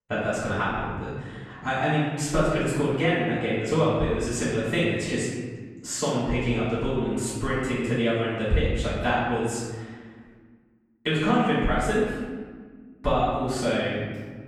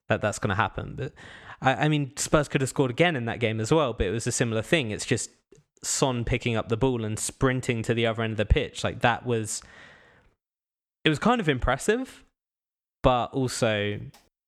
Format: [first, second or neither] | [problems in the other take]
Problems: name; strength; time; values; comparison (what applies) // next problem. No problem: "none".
second | off-mic speech; far // room echo; strong; dies away in 1.4 s